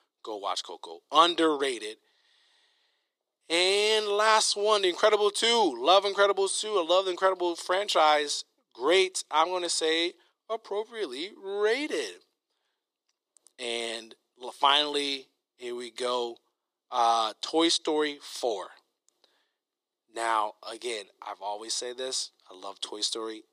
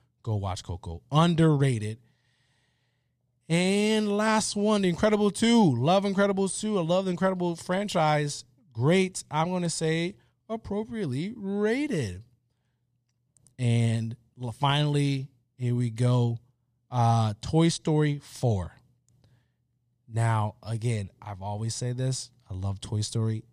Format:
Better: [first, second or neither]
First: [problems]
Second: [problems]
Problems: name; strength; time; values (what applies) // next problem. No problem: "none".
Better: second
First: thin; very; fading below 350 Hz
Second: none